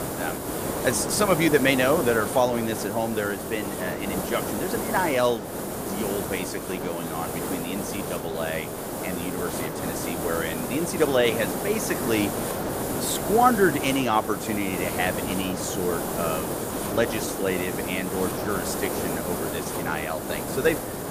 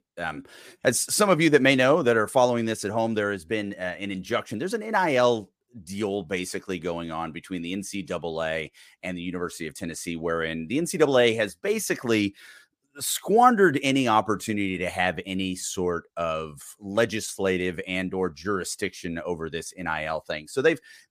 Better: second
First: hiss; loud; throughout; 3 dB below the speech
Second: none

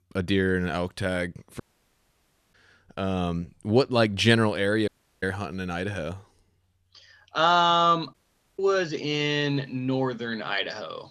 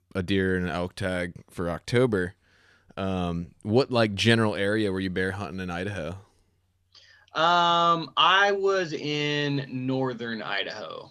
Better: second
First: audio cutting out; at 1.5 s for 1 s, at 5 s and at 8 s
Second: none

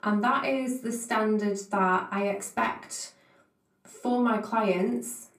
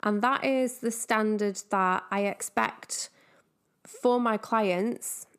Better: second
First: off-mic speech; far // room echo; very slight; dies away in 0.3 s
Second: none

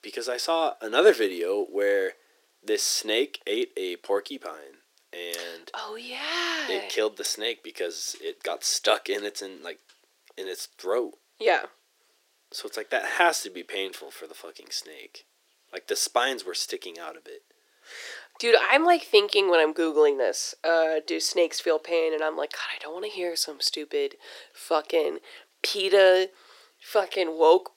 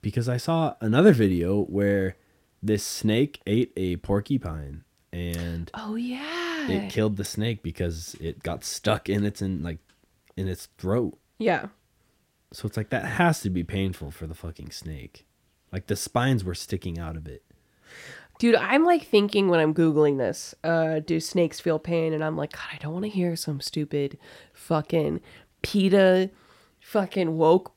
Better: second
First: thin; very; fading below 350 Hz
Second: none

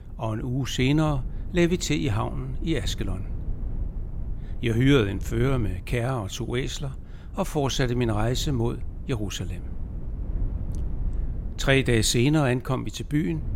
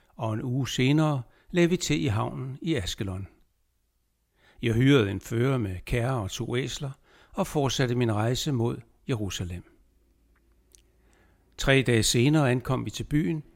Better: second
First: low rumble; faint; throughout; 20 dB below the speech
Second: none

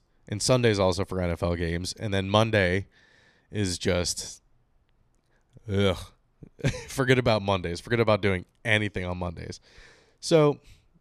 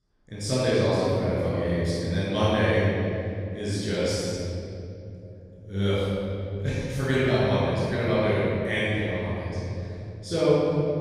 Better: first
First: none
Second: room echo; strong; dies away in 3 s // off-mic speech; far

